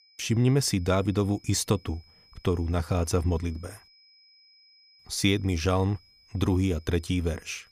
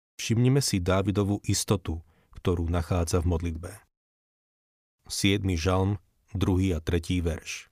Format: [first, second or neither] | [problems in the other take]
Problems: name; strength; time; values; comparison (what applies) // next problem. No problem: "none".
second | high-pitched whine; faint; throughout; 5 kHz, 30 dB below the speech